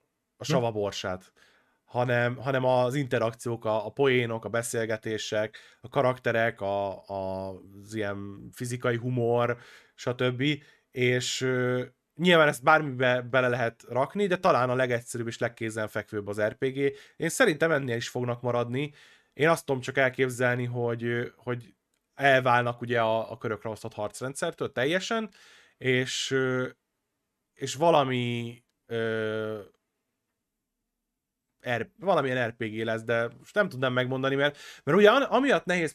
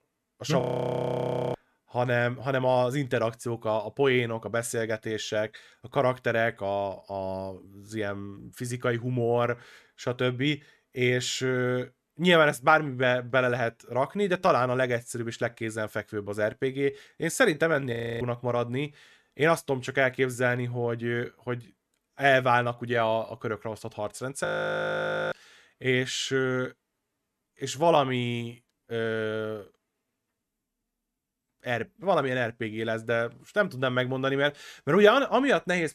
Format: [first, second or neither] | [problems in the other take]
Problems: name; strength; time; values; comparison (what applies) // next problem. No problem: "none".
first | audio freezing; at 0.5 s for 1 s, at 18 s and at 24 s for 1 s